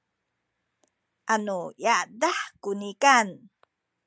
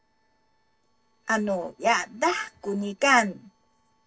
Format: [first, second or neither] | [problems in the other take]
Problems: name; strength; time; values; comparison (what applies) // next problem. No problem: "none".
first | noise reduction (neural separator model SepFormer DNS4)